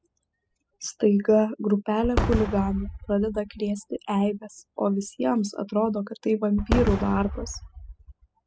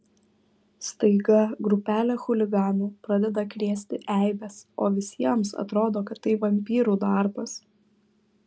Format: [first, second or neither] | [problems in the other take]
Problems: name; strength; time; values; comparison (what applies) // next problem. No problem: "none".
second | noise reduction (classical method spectral subtraction)